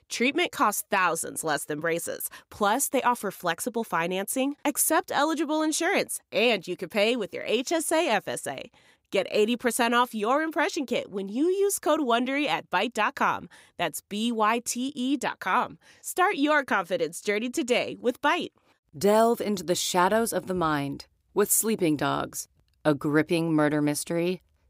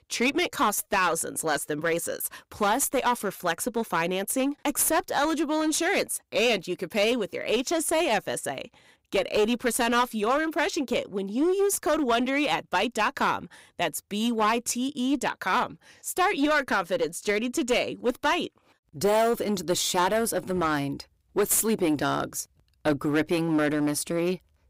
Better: first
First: none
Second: distortion; slight; 7% of the sound clipped

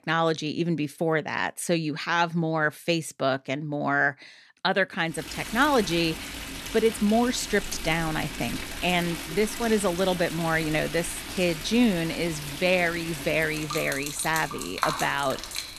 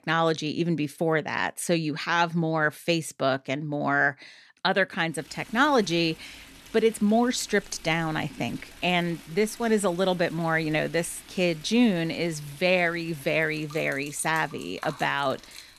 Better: second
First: rain or running water; loud; from 5 s on; 8 dB below the speech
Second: rain or running water; faint; from 5 s on; 20 dB below the speech

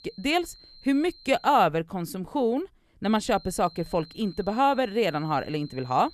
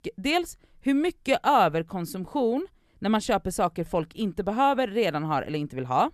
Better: second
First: high-pitched whine; faint; until 1.5 s and from 3 s on; 4 kHz, 20 dB below the speech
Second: none

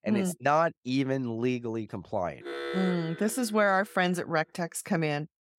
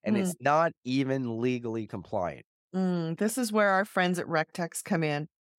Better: second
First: alarm; noticeable; from 2.5 to 3.5 s; peak 5 dB below the speech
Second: none

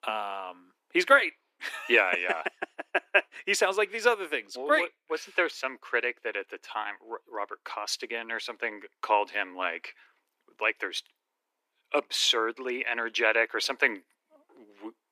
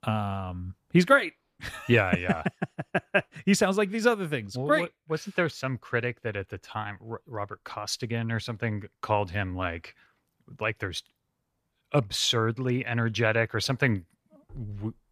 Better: second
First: thin; very; fading below 300 Hz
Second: none

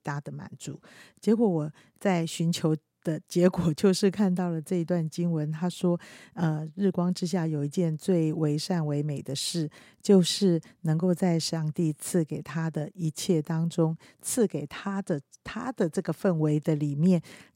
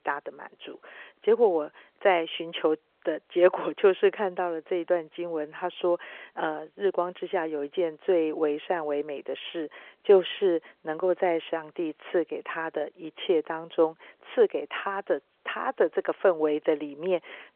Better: first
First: none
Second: phone-call audio

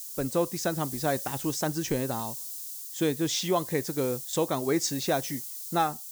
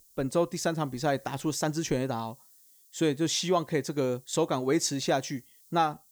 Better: second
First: hiss; loud; throughout; 7 dB below the speech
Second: hiss; faint; throughout; 25 dB below the speech

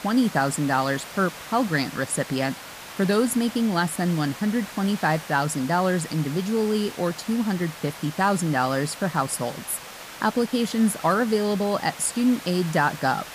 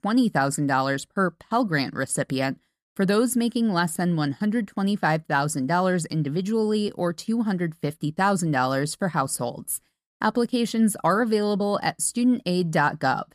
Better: second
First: hiss; noticeable; throughout; 15 dB below the speech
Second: none

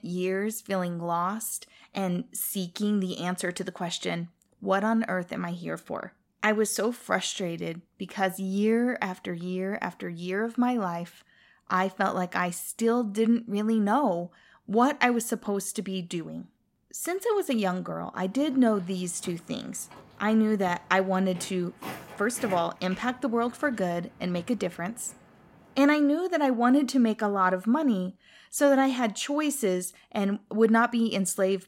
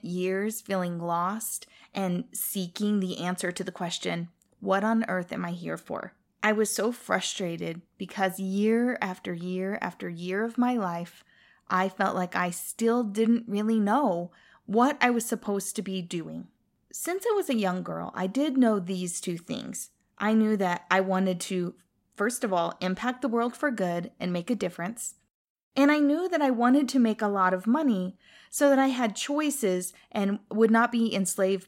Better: second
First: footsteps; faint; from 18 to 26 s; peak 10 dB below the speech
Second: none

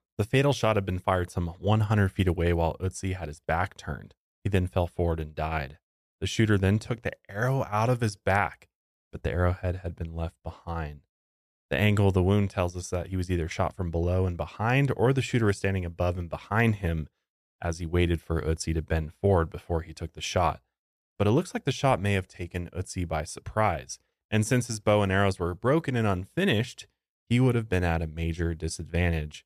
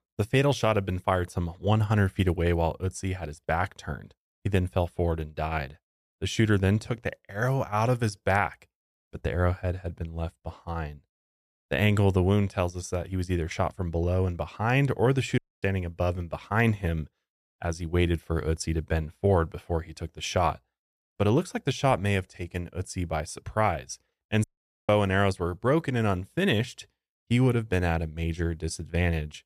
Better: first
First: none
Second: audio cutting out; at 15 s and at 24 s

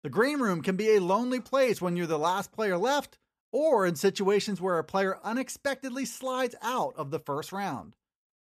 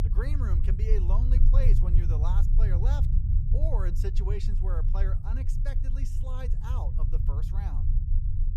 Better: first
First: none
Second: low rumble; loud; throughout; 3 dB below the speech

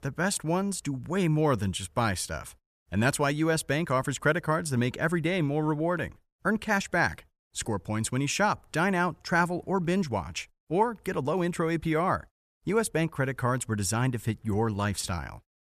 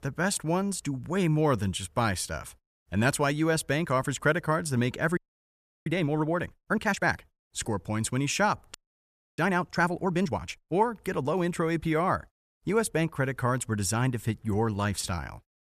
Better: first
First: none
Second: audio freezing; at 5 s for 0.5 s and at 9 s for 0.5 s

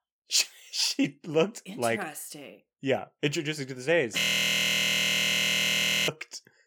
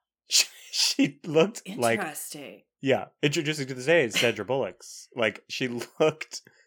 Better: second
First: audio freezing; at 4 s for 2 s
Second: none

